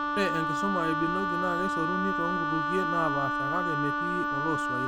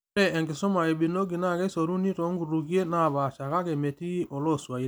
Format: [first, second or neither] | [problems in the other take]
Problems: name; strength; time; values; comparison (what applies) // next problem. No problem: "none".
second | background sound (Wind instrument, woodwind instrument); 3 dB above the speech